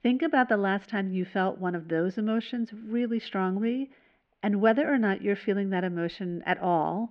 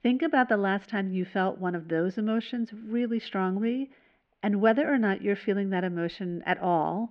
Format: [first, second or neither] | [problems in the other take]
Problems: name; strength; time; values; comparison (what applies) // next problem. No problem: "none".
neither | muffled; very; fading above 2.5 kHz; the same in both